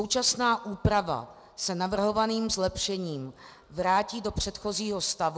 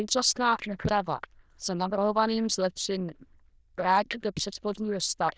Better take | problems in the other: first | noise reduction (neural diffusion model UNIVERSE++)

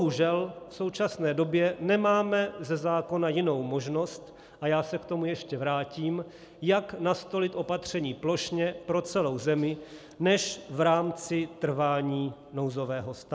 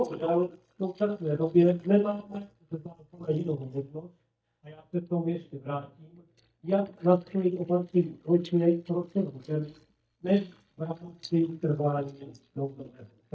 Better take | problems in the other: first | noise reduction (neural mask model DeepFilterNet 3)

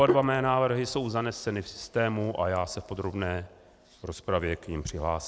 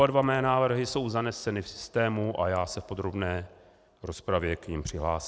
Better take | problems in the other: second | background sound (Hands); 11 dB below the speech

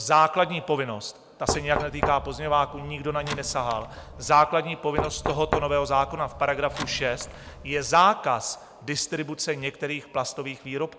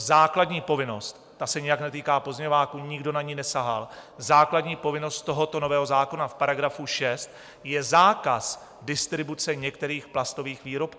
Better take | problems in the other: second | background sound (Knock); 8 dB below the speech

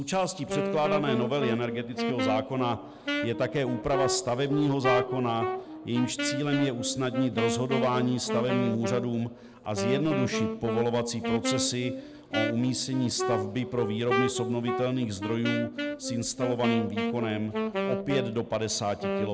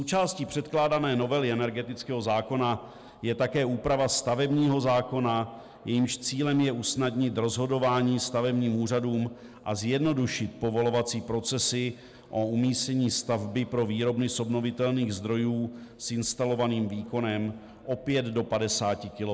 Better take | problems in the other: second | background sound (Wind instrument, woodwind instrument); 3 dB below the speech

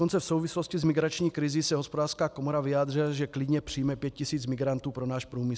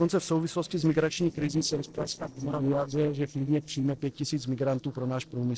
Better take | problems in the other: first | noise reduction (neural separator model SepFormer DNS4)

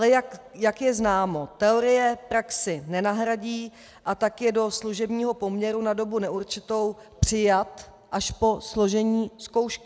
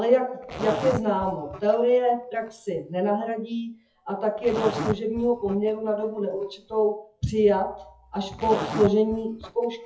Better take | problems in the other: first | noise reduction (classical method WPE with log-MMSE)

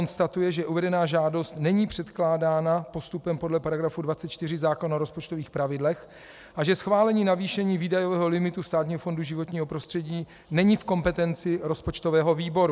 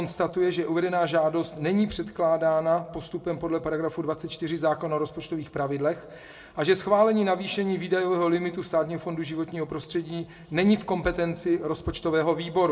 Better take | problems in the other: first | room echo; dies away in 0.8 s

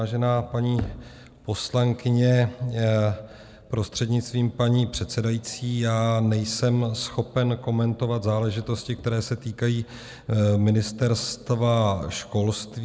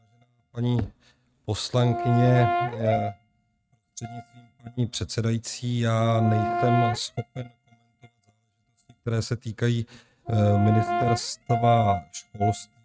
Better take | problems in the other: first | noise reduction (neural mask model RNNoise)

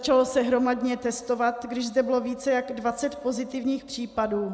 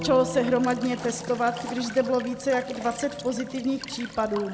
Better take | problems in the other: first | background sound (Walk, footsteps / Stream / Trickle, dribble / Chirp, tweet + Bowed string instrument); 12 dB below the speech

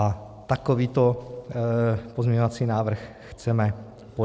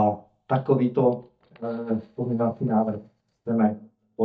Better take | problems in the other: first | noise reduction (neural mask model DeepFilterNet 3)

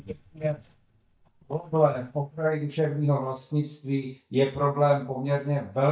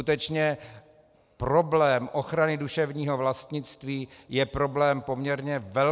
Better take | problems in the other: second | noise reduction (neural mask model DeepFilterNet 3)

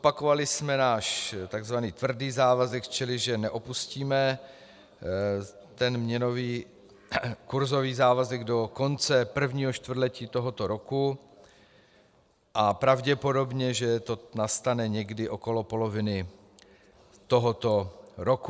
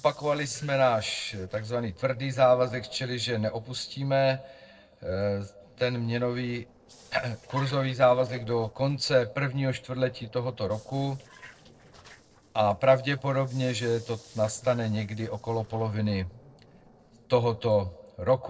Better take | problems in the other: first | noise reduction (neural separator model SepFormer DNS4)

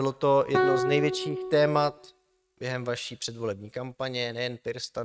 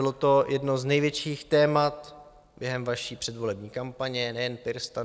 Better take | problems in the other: second | noise reduction (neural mask model RNNoise)

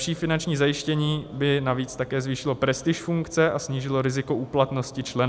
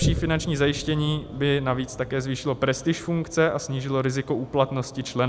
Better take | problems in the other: first | background sound (Boom); 10 dB below the speech

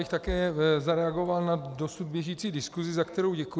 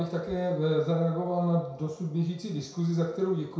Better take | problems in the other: first | room echo; dies away in 0.6 s

